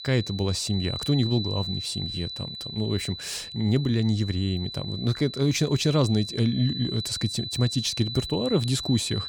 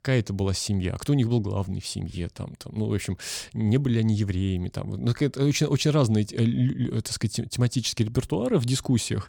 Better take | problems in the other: second | high-pitched whine; loud; throughout; 4 kHz, 7 dB below the speech

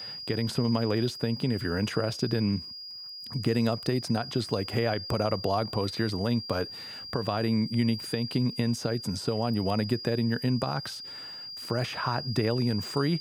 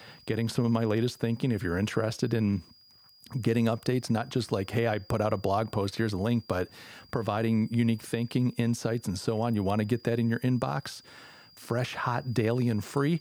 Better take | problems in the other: second | high-pitched whine; loud; throughout; 5 kHz, 8 dB below the speech; faint in the second

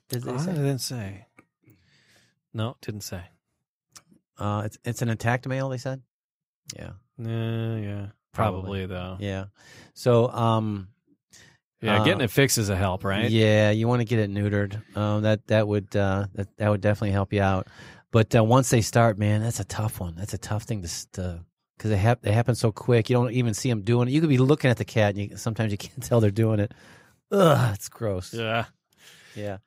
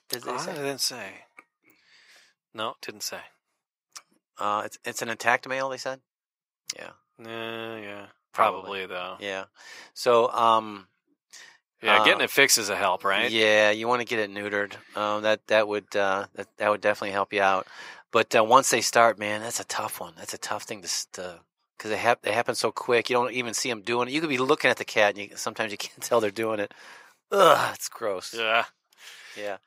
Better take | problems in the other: first | thin; very; fading below 450 Hz

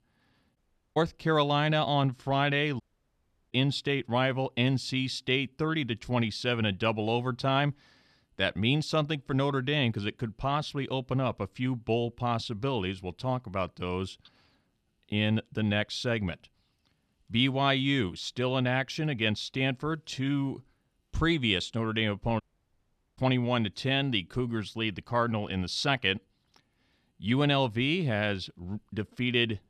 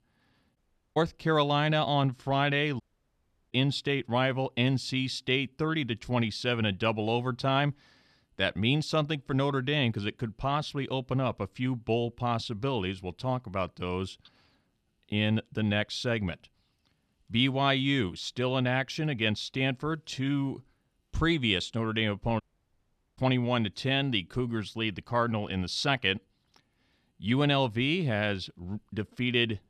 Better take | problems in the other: neither | audio cutting out; at 0.5 s, at 3 s for 0.5 s and at 22 s for 1 s; the same in both

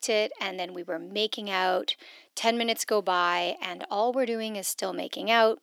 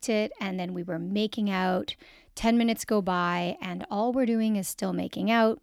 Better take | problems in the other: second | thin; somewhat; fading below 350 Hz

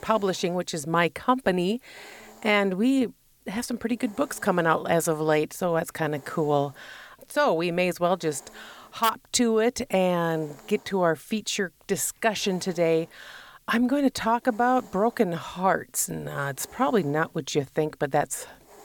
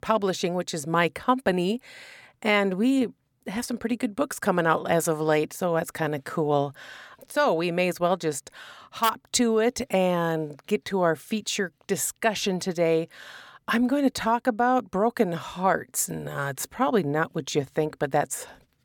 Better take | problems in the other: second | hiss; faint; throughout; 30 dB below the speech

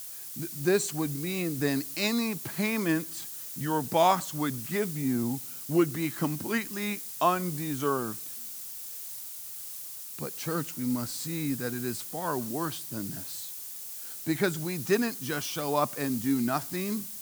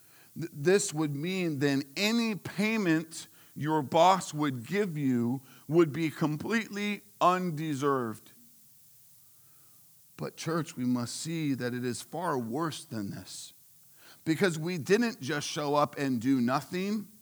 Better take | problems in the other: second | hiss; loud; throughout; 5 dB below the speech; faint in the second

